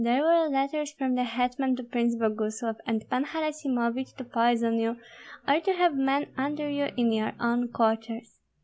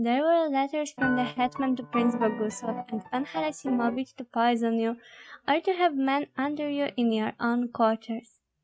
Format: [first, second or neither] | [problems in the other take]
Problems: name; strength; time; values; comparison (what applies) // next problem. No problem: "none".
first | noise reduction (neural mask model RNNoise)